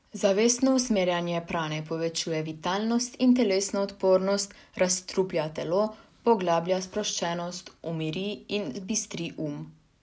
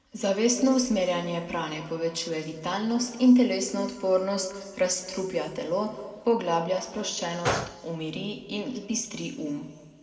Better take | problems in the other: first | background sound (Gunshot, gunfire); 8 dB below the speech // room echo; dies away in 1.5 s

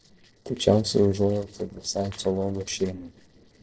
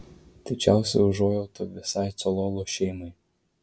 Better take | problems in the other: second | noise reduction (neural separator model SepFormer DNS4)

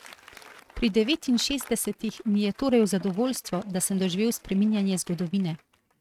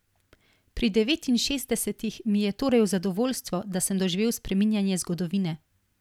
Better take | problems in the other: second | noise reduction (neural mask model RNNoise)

